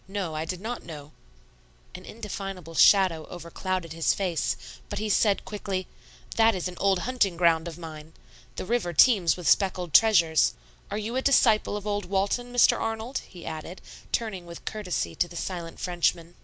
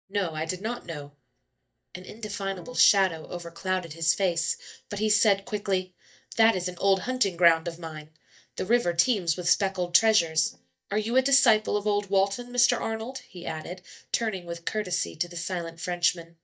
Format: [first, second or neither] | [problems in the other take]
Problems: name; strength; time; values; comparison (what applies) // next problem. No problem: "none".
first | noise reduction (neural mask model DeepFilterNet 3)